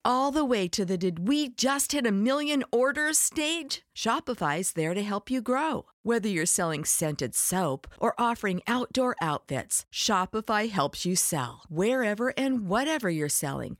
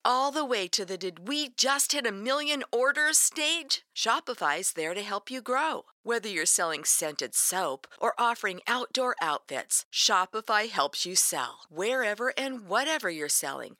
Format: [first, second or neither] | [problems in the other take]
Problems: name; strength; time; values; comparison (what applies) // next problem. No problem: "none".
first | thin; somewhat; fading below 450 Hz